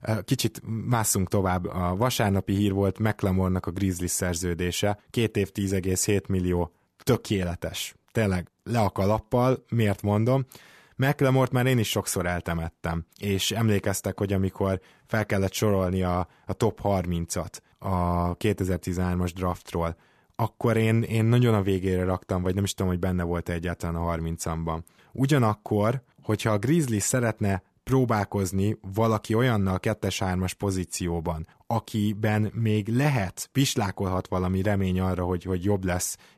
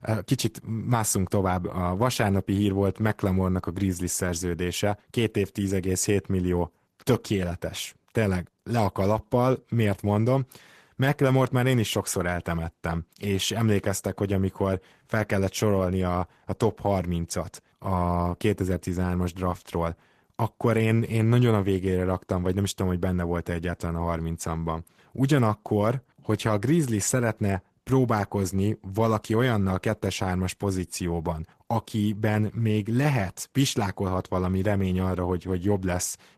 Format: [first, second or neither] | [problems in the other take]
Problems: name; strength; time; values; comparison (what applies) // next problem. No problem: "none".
first | garbled, watery; slightly; nothing above 14 kHz